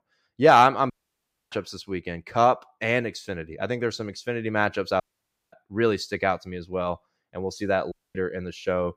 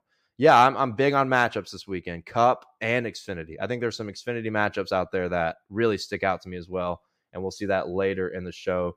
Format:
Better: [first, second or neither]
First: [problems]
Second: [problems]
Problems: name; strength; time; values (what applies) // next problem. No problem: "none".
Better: second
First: audio cutting out; at 1 s for 0.5 s, at 5 s for 0.5 s and at 8 s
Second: none